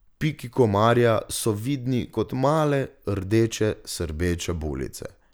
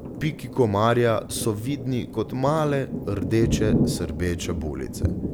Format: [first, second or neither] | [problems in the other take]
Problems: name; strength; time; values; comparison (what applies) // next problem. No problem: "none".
first | background sound (Thunder); 4 dB below the speech